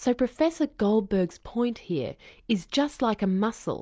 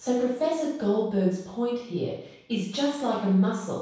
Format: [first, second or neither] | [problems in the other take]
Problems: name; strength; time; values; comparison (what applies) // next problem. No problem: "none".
first | room echo; dies away in 0.7 s